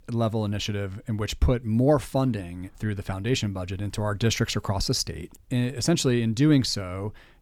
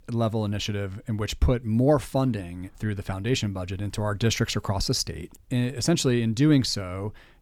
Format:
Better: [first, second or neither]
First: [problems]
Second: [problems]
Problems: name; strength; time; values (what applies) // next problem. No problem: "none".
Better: neither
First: none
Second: none